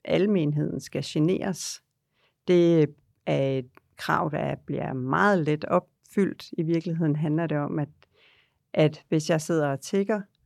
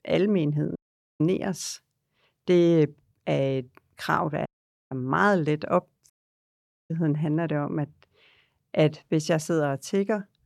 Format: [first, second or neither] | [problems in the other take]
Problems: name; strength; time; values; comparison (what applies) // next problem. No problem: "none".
first | audio cutting out; at 1 s, at 4.5 s and at 6 s for 1 s